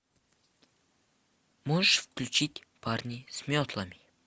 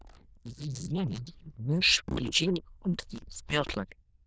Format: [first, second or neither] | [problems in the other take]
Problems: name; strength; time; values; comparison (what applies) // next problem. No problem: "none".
first | noise reduction (neural diffusion model UNIVERSE++)